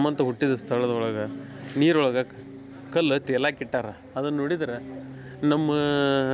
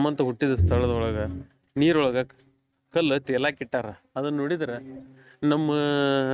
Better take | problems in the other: first | noise reduction (neural mask model RNNoise)

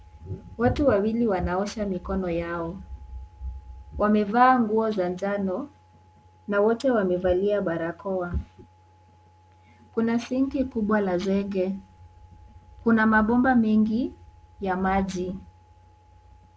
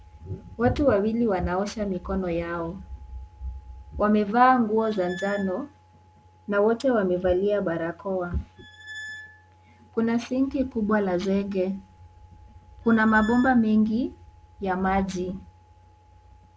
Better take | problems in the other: first | background sound (Squeak); 16 dB below the speech

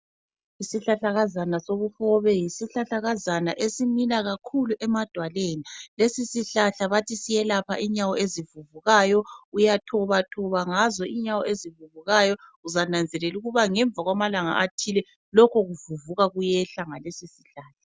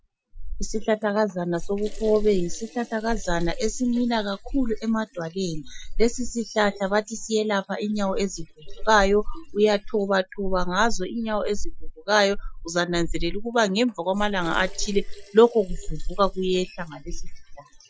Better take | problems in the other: first | noise reduction (classical method Wiener filter)

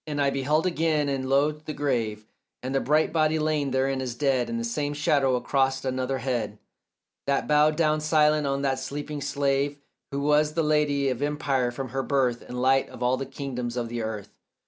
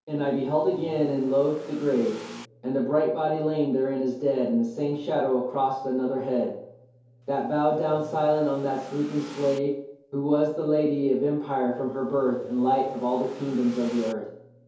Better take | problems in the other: first | background sound (Accelerating, revving, vroom / Car); 19 dB below the speech // room echo; dies away in 2.4 s

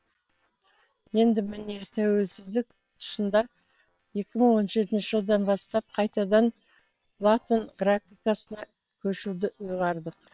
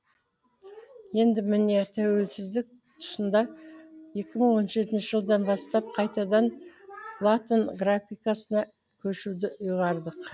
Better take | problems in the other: second | noise reduction (neural separator model SepFormer WHAM!)

